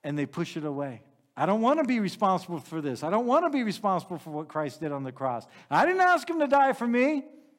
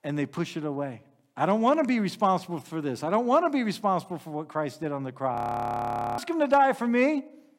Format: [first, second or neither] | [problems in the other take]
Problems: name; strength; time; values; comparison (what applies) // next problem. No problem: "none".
first | audio freezing; at 5.5 s for 1 s